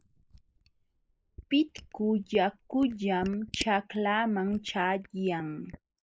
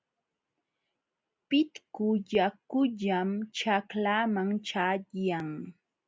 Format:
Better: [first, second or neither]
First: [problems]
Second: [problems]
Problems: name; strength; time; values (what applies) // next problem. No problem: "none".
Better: second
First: noise reduction (neural mask model Resemble Enhance denoiser)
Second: none